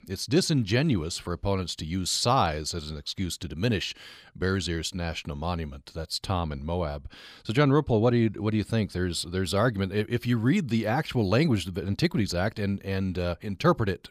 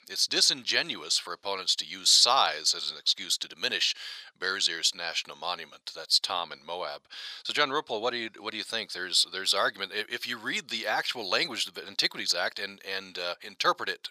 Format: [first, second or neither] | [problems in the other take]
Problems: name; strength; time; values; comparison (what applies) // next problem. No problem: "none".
first | thin; very; fading below 750 Hz